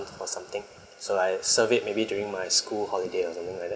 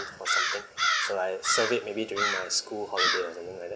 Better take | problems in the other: first | background sound (Crow); 2 dB above the speech

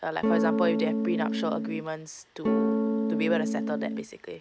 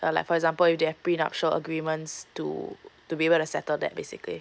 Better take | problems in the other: second | background sound (Electric guitar / Strum); 5 dB above the speech

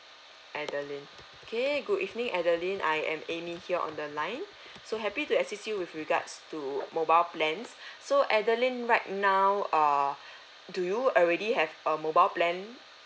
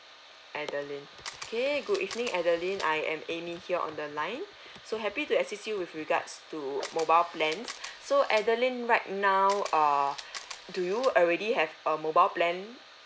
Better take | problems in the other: first | background sound (Camera); 15 dB below the speech

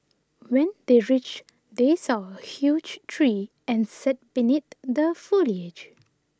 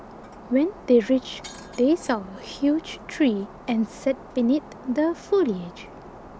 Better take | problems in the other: first | background sound (Shatter); 18 dB below the speech

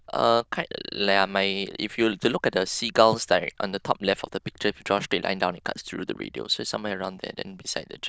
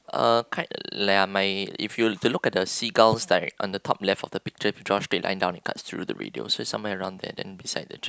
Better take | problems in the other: second | noise reduction (neural diffusion model UNIVERSE++)

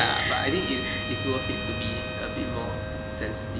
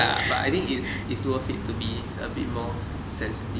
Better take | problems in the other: second | background sound (Harmonica); 5 dB below the speech

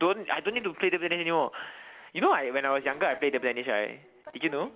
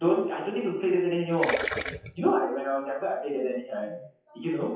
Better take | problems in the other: first | noise reduction (classical method WPE with log-MMSE)

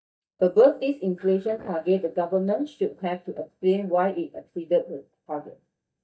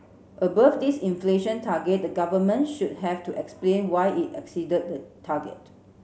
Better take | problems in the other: second | noise reduction (neural mask model DeepFilterNet 3)

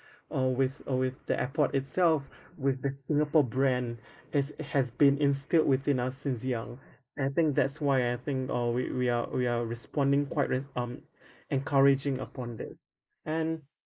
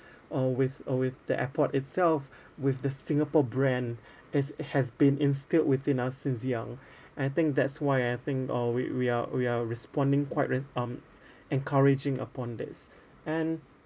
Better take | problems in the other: second | noise reduction (neural mask model Resemble Enhance denoiser)

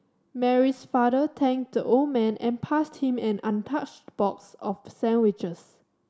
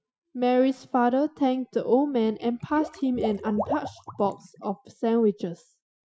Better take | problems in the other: first | noise reduction (classical method Wiener filter)

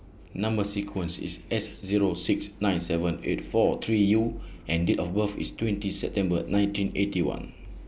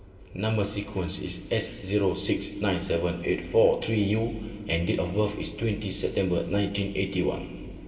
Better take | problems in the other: first | room echo; dies away in 2.3 s

